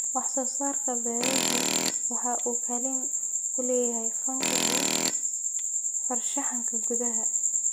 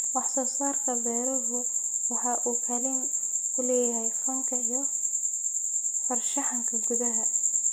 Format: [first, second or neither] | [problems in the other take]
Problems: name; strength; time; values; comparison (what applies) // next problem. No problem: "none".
second | background sound (Tools); 3 dB below the speech